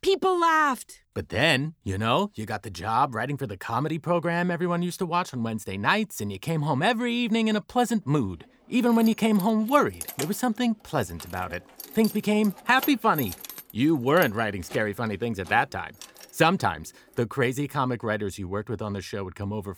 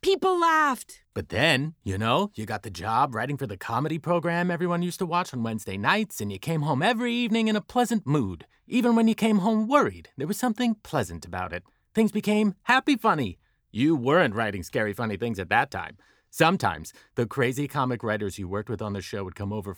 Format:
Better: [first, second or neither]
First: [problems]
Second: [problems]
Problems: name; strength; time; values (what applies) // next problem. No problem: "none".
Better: second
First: jangling keys; noticeable; from 9 to 16 s; peak 8 dB below the speech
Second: none